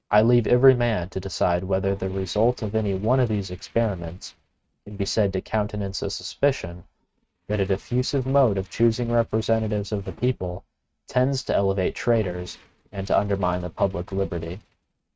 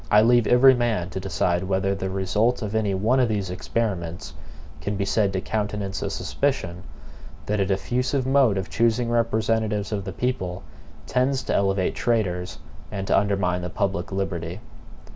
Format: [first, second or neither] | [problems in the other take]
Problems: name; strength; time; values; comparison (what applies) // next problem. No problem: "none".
second | noise reduction (neural mask model RNNoise)